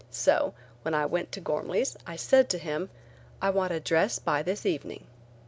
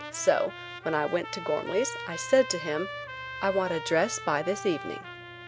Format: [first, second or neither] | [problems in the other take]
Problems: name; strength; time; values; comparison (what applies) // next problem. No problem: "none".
first | background sound (Trumpet); 10 dB below the speech